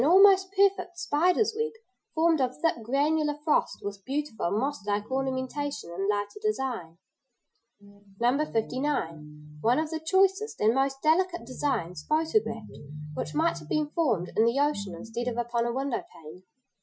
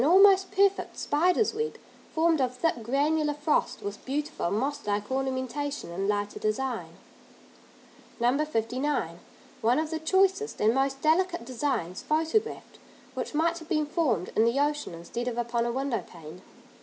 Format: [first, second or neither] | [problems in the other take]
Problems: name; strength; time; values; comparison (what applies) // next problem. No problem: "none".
second | noise reduction (classical method Wiener filter)